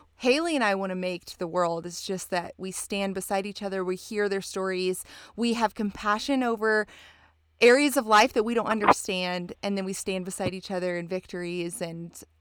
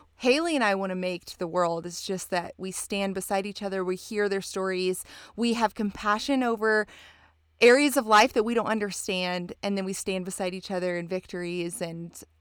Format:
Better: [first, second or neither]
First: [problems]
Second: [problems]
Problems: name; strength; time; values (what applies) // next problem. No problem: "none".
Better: second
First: phone ringing; loud; from 8.5 to 10 s; peak 3 dB above the speech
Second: none